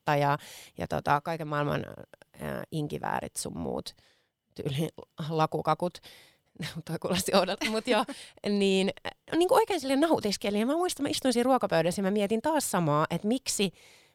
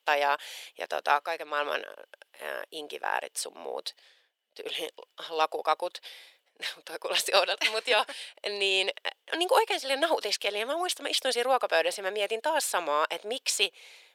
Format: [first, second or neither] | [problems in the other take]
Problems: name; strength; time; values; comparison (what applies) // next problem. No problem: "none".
first | thin; very; fading below 450 Hz